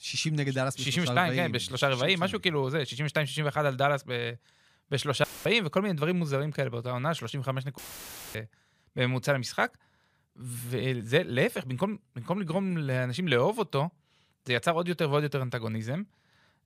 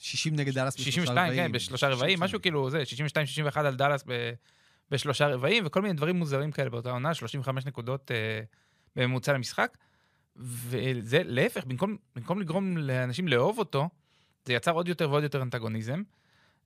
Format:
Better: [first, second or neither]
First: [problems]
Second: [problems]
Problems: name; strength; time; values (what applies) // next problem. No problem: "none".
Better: second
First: audio cutting out; filled with static; at 5 s and at 8 s for 0.5 s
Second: none